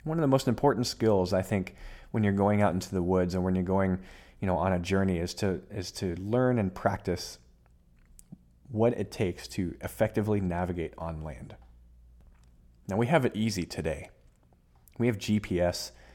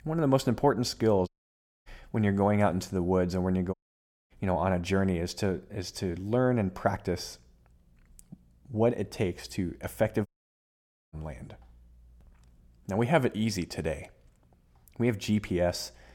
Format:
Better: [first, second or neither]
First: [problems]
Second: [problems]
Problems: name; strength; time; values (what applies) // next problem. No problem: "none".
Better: first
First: none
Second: audio cutting out; at 1.5 s for 0.5 s, at 3.5 s for 0.5 s and at 10 s for 1 s